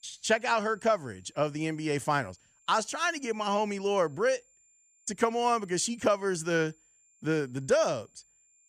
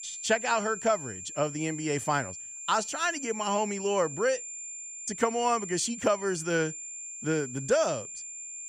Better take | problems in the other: first | high-pitched whine; loud; throughout; 7 kHz, 9 dB below the speech; faint in the first

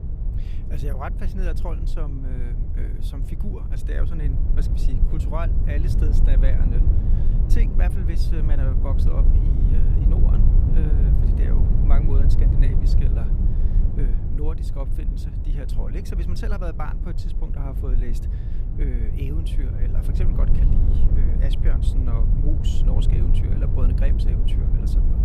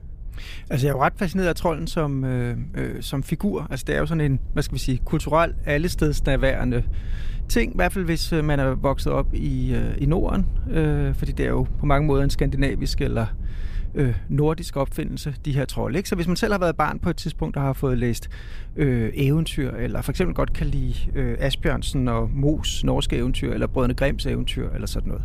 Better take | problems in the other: second | low rumble; loud; throughout; 1 dB below the speech; faint in the second

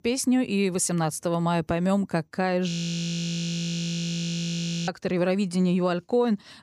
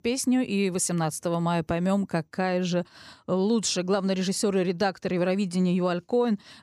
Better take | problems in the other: second | audio freezing; at 2.5 s for 2 s

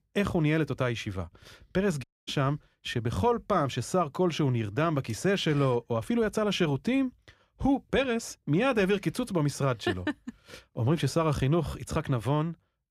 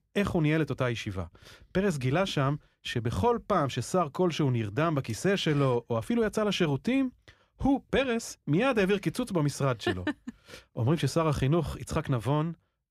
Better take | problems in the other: second | audio cutting out; at 2 s

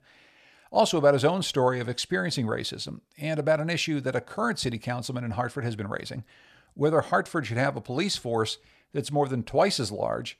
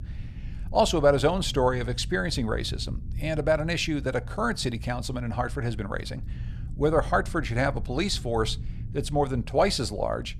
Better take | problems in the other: first | low rumble; faint; throughout; 25 dB below the speech

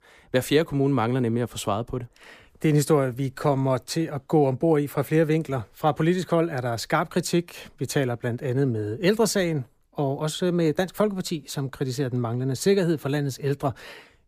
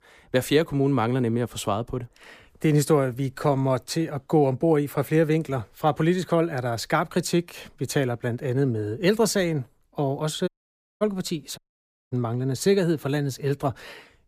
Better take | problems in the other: first | audio cutting out; at 10 s for 0.5 s and at 12 s for 0.5 s

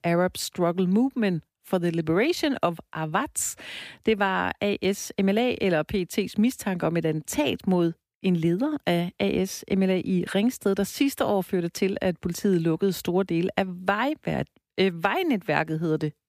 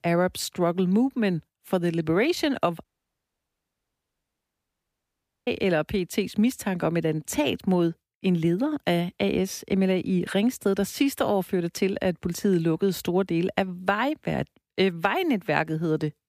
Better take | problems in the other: first | audio cutting out; at 3 s for 2.5 s

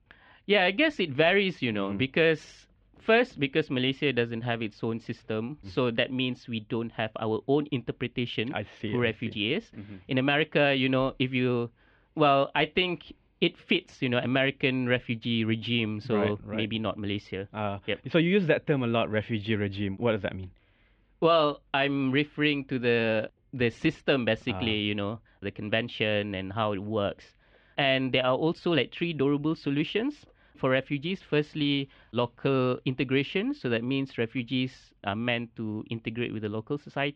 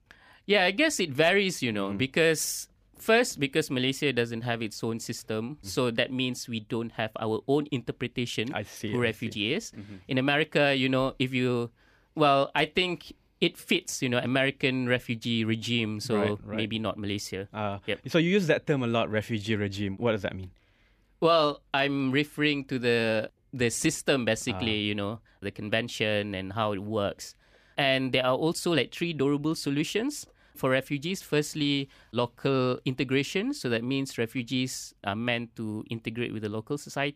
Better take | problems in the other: second | muffled; slightly; fading above 3 kHz

